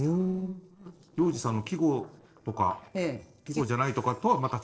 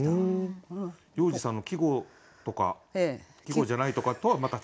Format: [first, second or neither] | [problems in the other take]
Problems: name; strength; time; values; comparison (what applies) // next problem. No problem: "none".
second | noise reduction (neural separator model SepFormer DNS4)